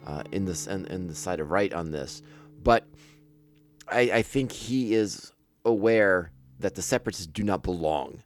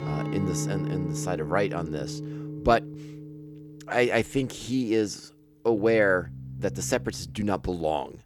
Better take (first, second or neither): first